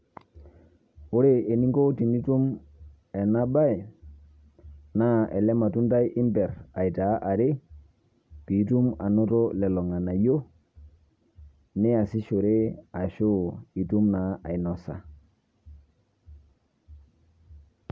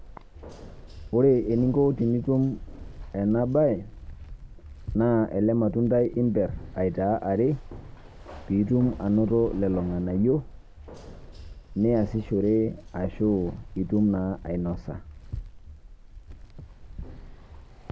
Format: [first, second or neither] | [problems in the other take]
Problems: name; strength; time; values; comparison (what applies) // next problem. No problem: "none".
first | background sound (Keys jangling); 15 dB below the speech